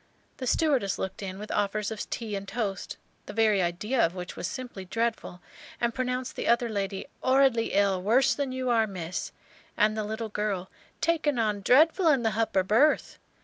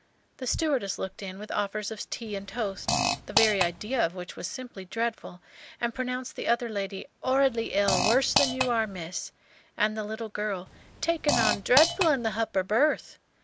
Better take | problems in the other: first | background sound (Fart); 1 dB below the speech

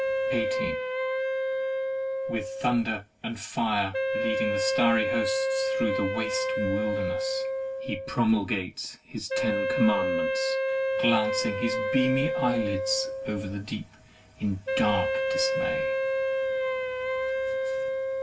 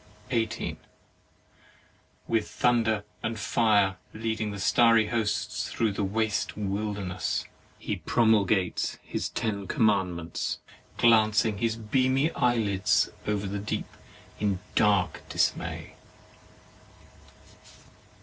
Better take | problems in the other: second | background sound (Wind instrument, woodwind instrument); 2 dB above the speech // room echo; dies away in 0.2 s

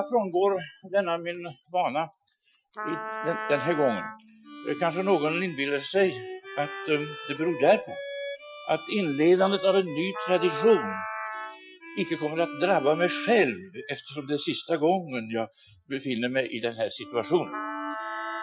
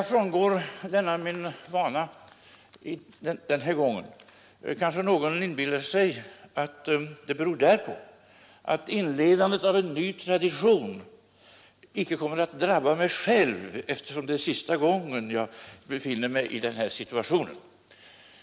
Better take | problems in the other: second | noise reduction (classical method Wiener filter)

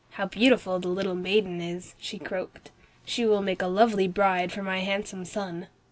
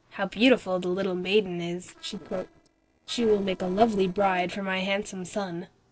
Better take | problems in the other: first | noise reduction (neural separator model SepFormer DNS4)

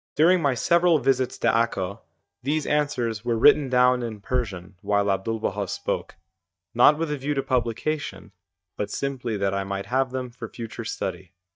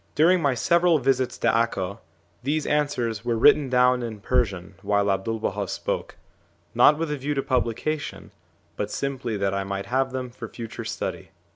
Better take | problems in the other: second | noise reduction (neural mask model DeepFilterNet 3)

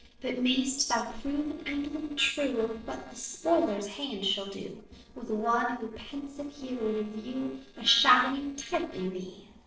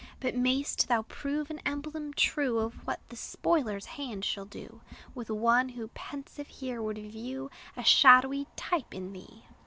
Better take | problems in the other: second | noise reduction (neural separator model SepFormer DNS4)

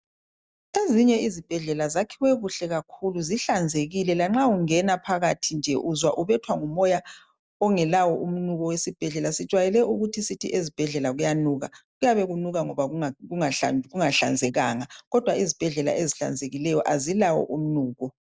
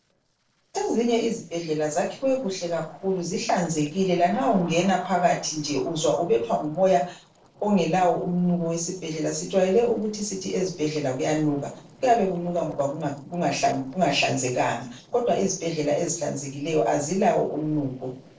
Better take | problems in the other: first | noise reduction (neural separator model SepFormer DNS4)

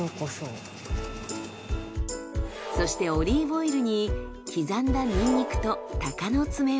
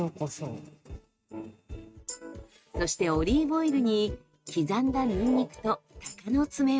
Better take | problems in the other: first | noise reduction (neural mask model RNNoise)

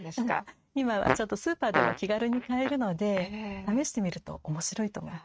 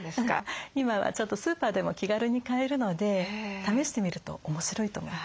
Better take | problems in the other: second | noise reduction (neural mask model RNNoise)

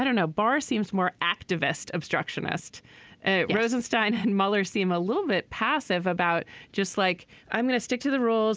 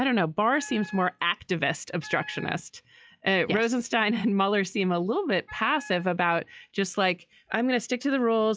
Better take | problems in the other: first | noise reduction (classical method log-MMSE)

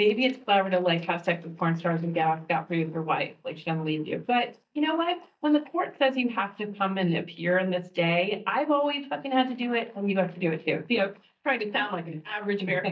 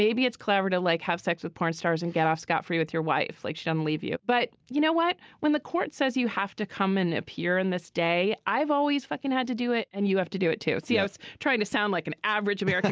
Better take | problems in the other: second | noise reduction (neural mask model DeepFilterNet 3)

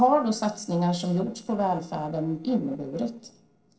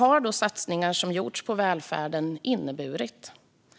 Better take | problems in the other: second | noise reduction (neural separator model SepFormer DNS4)

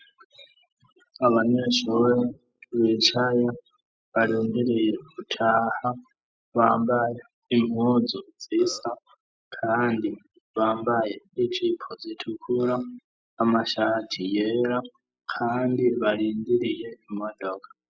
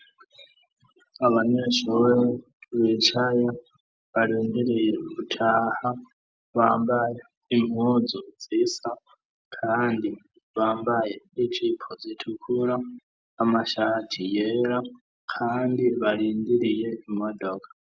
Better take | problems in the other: second | noise reduction (classical method spectral subtraction)

